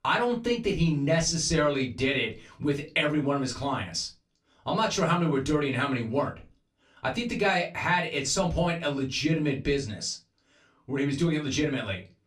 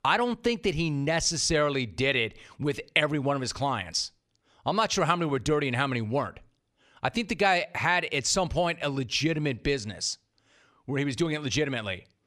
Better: second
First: off-mic speech; far // room echo; very slight; dies away in 0.2 s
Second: none

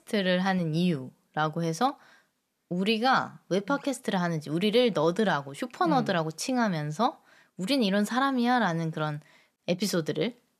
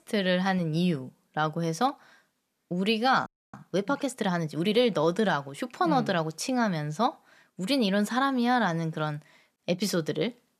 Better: first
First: none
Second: audio freezing; at 3.5 s

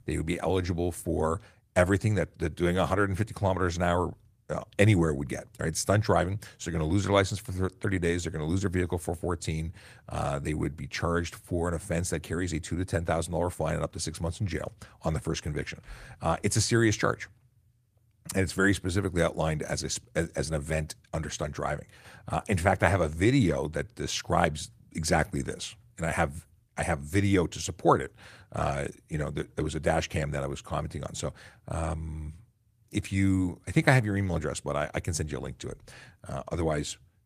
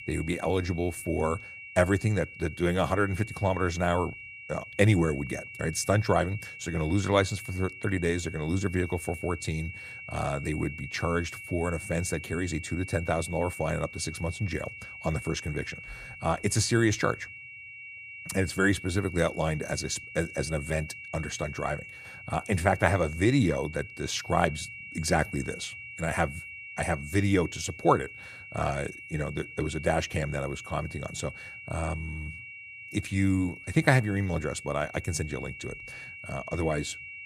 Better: first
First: none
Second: high-pitched whine; noticeable; throughout; 2.5 kHz, 10 dB below the speech

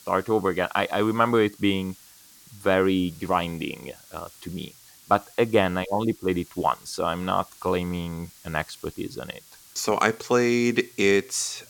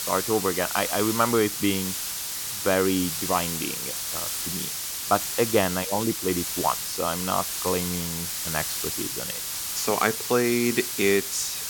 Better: first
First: hiss; faint; throughout; 25 dB below the speech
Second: hiss; loud; throughout; 2 dB below the speech

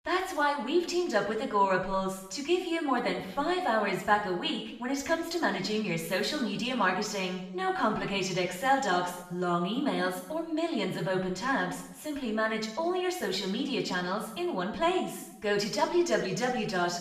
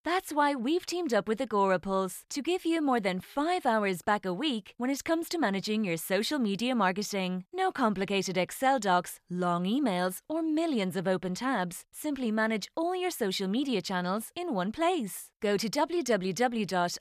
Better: second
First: room echo; noticeable; dies away in 0.7 s // off-mic speech; far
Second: none

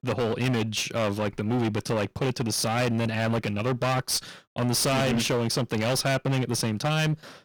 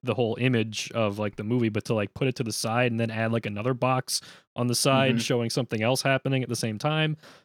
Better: second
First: distortion; heavy; 26% of the sound clipped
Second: none

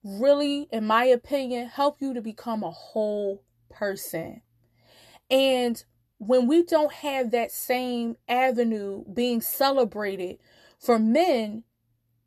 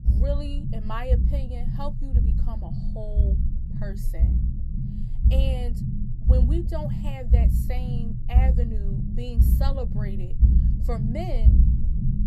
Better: first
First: none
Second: low rumble; loud; throughout; 3 dB below the speech

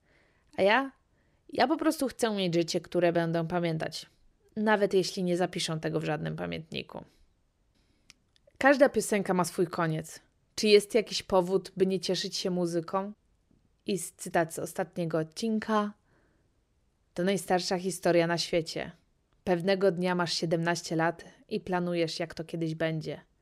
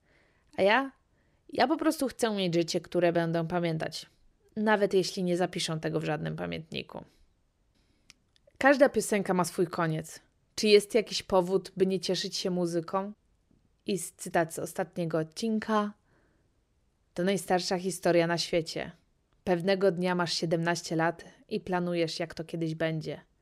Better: neither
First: none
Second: none

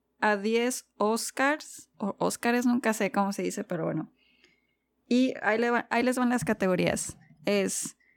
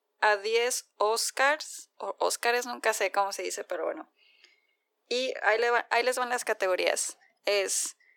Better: first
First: none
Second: thin; very; fading below 400 Hz

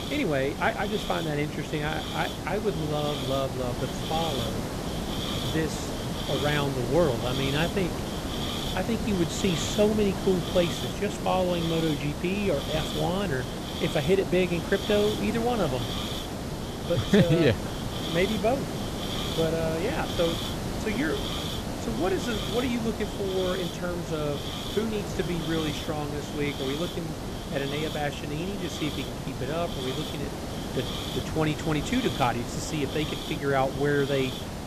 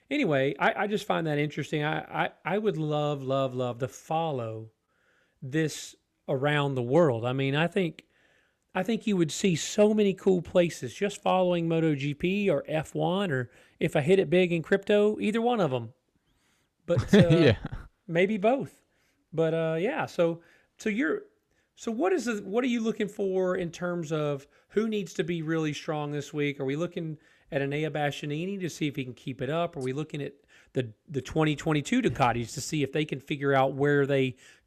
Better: second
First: hiss; loud; throughout; 4 dB below the speech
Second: none

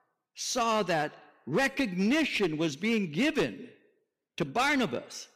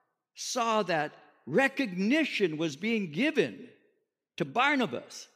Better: second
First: distortion; slight; 9% of the sound clipped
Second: none

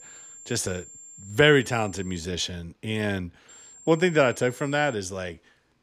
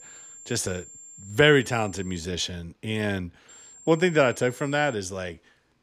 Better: neither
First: high-pitched whine; faint; until 2.5 s and from 3.5 to 5 s; 7.5 kHz, 20 dB below the speech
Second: high-pitched whine; faint; until 2.5 s and from 3.5 to 5 s; 7.5 kHz, 20 dB below the speech

